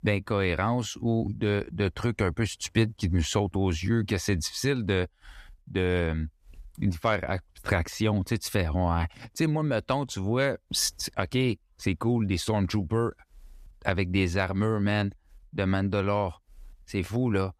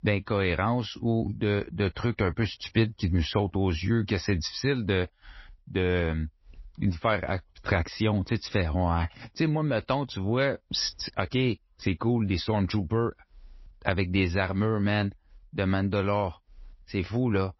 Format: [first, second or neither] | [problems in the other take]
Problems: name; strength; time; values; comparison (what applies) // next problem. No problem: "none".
first | garbled, watery; slightly; nothing above 5.5 kHz